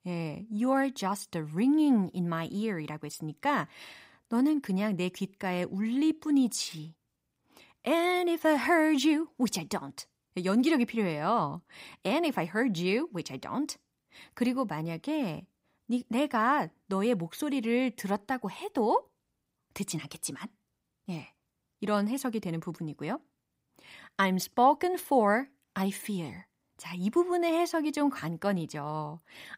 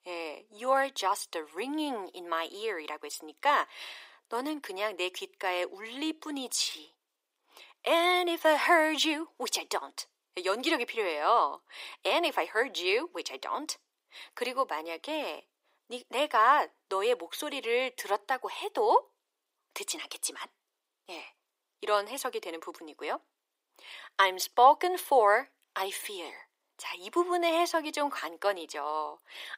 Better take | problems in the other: first | thin; very; fading below 350 Hz

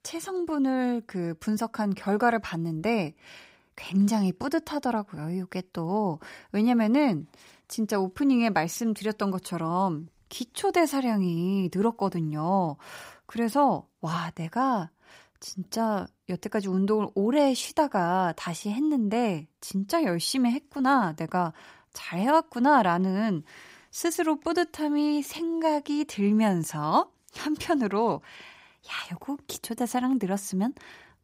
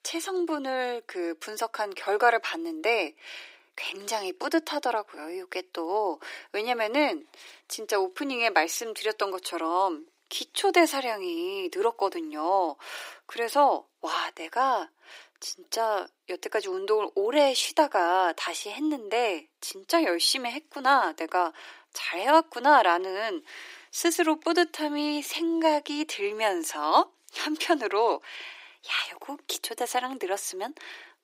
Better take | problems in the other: first | thin; very; fading below 300 Hz

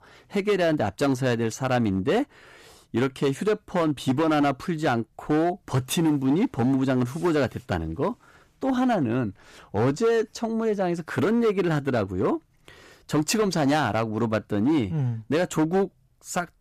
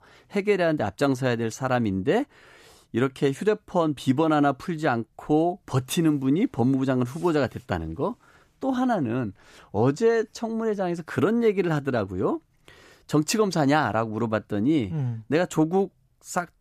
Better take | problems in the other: second | distortion; slight; 9% of the sound clipped

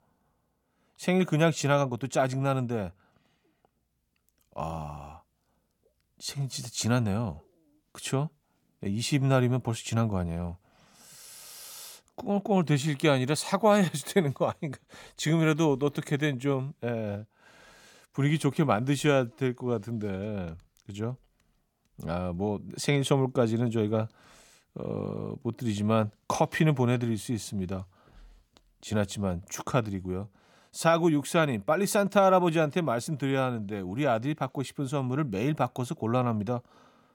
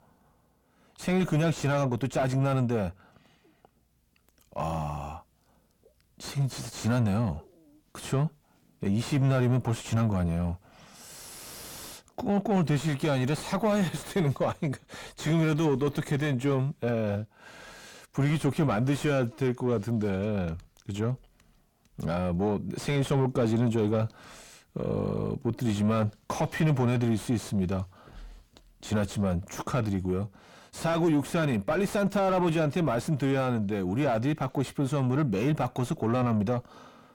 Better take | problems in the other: first | distortion; heavy; 6 dB below the speech

